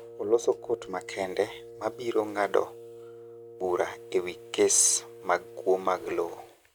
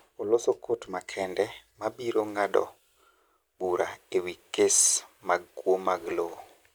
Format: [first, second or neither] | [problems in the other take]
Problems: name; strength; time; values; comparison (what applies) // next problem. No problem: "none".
second | background sound (Wind instrument, woodwind instrument); 17 dB below the speech